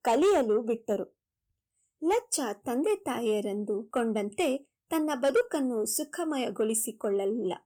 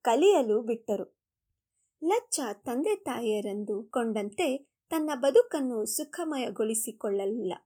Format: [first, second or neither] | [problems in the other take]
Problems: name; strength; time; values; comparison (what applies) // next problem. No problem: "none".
second | distortion; slight; 10 dB below the speech